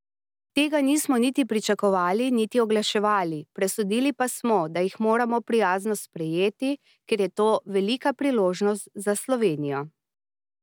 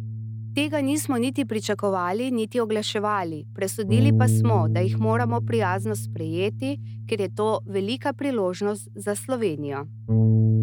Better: first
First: none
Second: background sound (Bass guitar); as loud as the speech

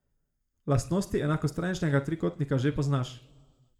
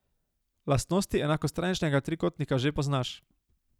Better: second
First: room echo; dies away in 0.6 s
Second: none

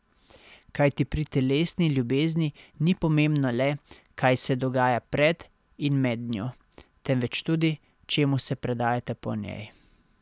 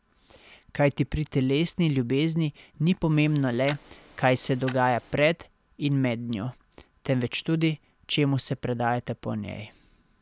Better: first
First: none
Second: background sound (Tick-tock); 19 dB below the speech

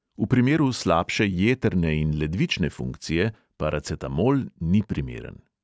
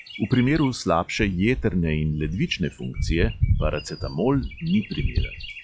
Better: first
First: none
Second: noise reduction (classical method log-MMSE)

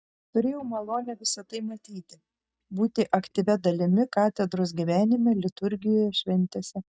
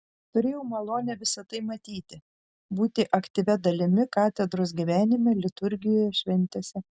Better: second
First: noise reduction (neural mask model DeepFilterNet 3)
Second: none

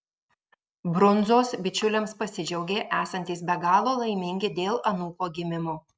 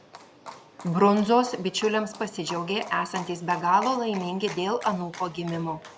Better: first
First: none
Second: background sound (Livestock, farm animals, working animals); 17 dB below the speech

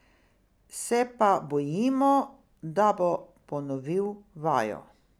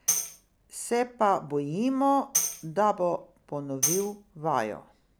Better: first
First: none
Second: background sound (Tambourine); 5 dB below the speech

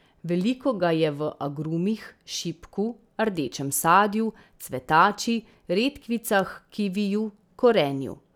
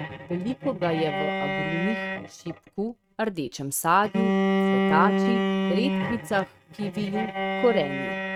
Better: first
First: none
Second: noise reduction (neural mask model RNNoise)

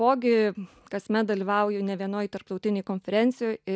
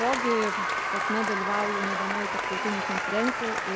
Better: first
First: none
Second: background sound (Applause); 2 dB above the speech

